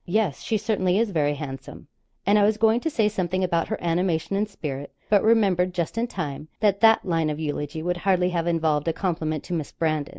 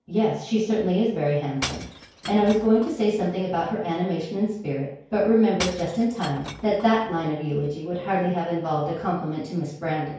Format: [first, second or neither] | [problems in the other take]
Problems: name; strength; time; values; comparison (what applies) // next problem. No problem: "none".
first | background sound (Shatter / Crushing); 16 dB below the speech // room echo; dies away in 0.5 s